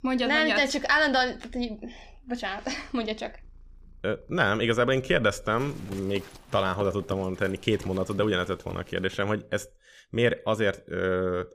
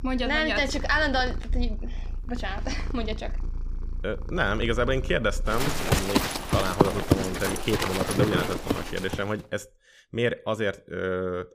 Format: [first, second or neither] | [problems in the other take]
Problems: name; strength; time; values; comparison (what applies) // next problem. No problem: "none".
first | animal sounds; loud; until 9 s; 2 dB below the speech; faint in the first